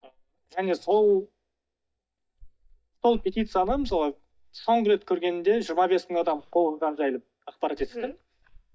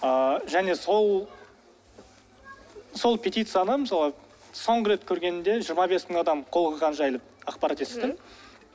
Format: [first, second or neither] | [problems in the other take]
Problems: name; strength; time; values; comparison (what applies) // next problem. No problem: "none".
second | noise reduction (neural mask model DeepFilterNet 3)